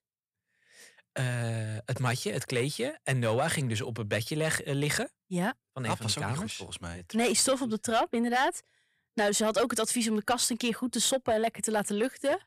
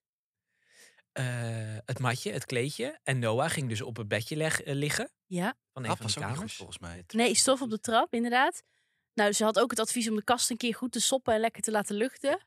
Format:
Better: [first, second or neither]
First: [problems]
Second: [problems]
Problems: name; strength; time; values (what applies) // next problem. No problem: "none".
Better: second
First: distortion; slight; 10 dB below the speech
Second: none